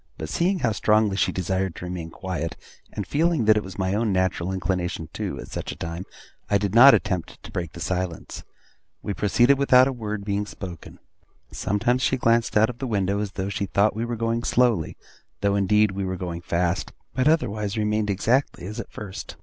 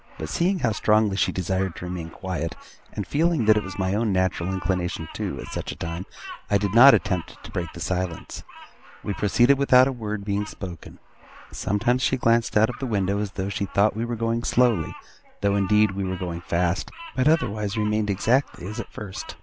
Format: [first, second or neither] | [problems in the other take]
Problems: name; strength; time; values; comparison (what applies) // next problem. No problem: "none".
first | background sound (Bird vocalization, bird call, bird song); 20 dB below the speech